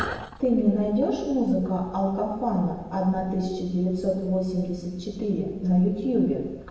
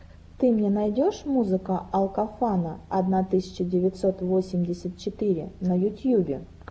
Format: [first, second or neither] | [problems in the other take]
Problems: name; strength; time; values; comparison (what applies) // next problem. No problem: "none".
second | room echo; dies away in 1 s